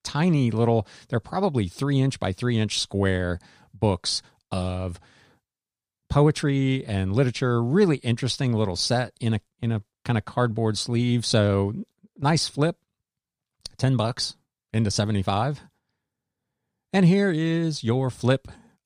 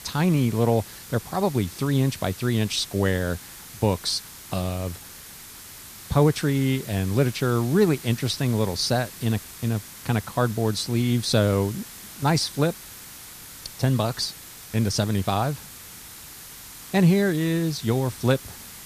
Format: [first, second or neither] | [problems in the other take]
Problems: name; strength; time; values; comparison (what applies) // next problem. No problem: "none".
first | hiss; noticeable; throughout; 15 dB below the speech